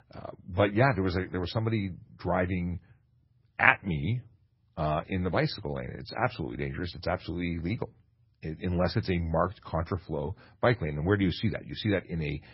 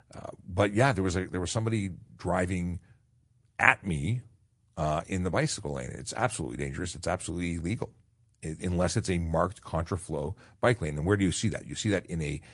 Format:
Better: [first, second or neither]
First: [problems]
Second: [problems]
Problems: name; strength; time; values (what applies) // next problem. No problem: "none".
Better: second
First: garbled, watery; badly; nothing above 5.5 kHz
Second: garbled, watery; slightly; nothing above 10 kHz